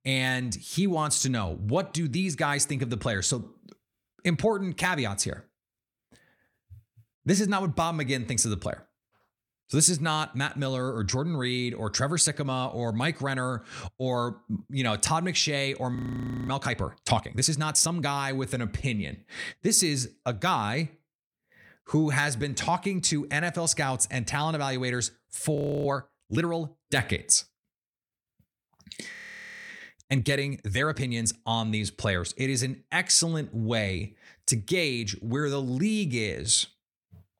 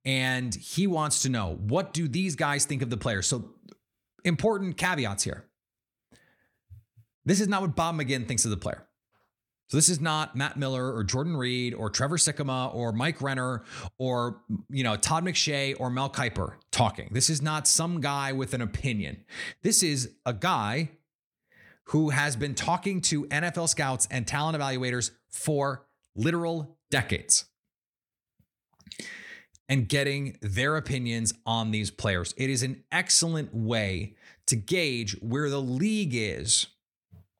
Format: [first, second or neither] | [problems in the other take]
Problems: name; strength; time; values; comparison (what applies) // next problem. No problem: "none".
second | audio freezing; at 16 s for 0.5 s, at 26 s and at 29 s for 0.5 s